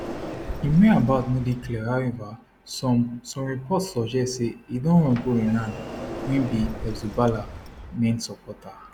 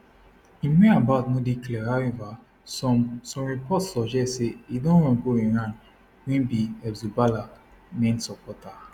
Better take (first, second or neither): second